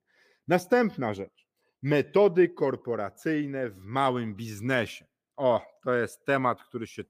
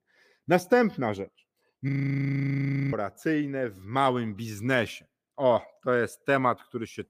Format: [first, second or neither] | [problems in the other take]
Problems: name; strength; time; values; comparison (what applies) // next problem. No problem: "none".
first | audio freezing; at 2 s for 1 s